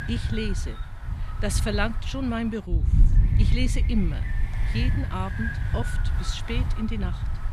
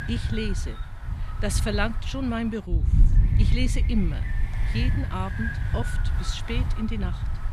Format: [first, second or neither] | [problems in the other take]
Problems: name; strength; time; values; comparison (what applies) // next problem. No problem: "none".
neither | wind noise on the microphone; heavy; 6 dB below the speech; the same in both